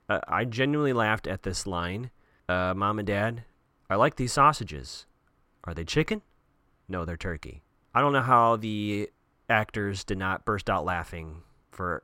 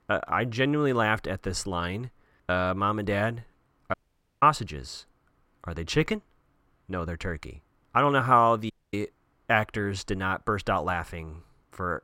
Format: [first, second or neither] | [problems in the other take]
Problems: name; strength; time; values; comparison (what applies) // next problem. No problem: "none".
first | audio cutting out; at 4 s and at 8.5 s